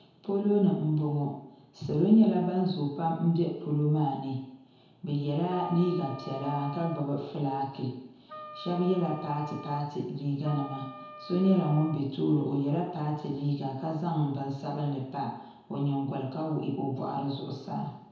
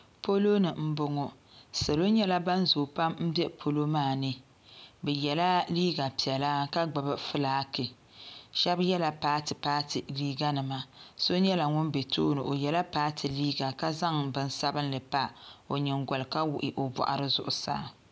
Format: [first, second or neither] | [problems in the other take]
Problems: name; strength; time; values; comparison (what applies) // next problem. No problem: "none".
second | background sound (Wind instrument, woodwind instrument); 17 dB below the speech // room echo; dies away in 1 s